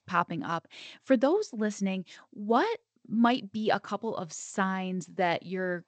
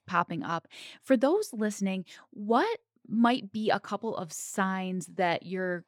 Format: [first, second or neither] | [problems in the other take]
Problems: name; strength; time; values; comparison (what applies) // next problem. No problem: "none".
second | garbled, watery; slightly; nothing above 7.5 kHz